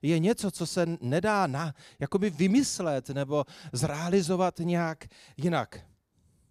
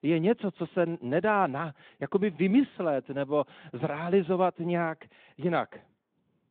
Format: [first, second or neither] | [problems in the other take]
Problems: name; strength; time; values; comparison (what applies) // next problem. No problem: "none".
first | phone-call audio; nothing above 4 kHz